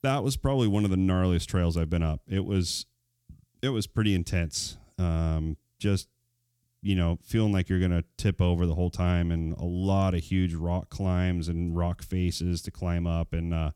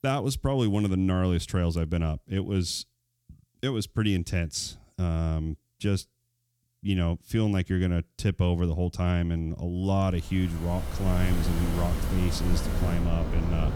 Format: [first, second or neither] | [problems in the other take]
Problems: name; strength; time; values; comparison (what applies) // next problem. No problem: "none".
first | wind in the background; loud; from 11 s on; 4 dB below the speech